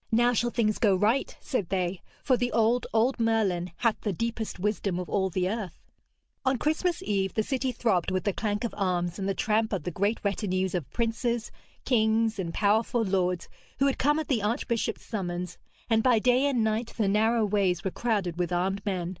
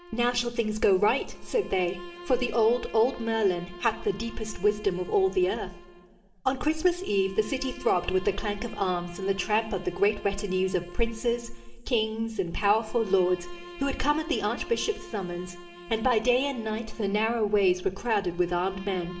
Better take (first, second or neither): first